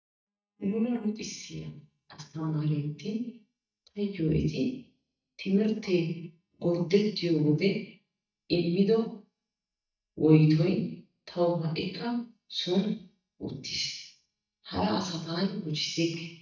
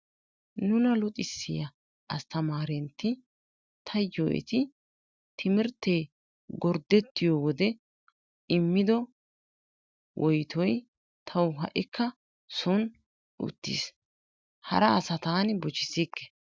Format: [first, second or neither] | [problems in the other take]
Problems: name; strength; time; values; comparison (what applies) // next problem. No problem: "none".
second | noise reduction (neural mask model DeepFilterNet 3)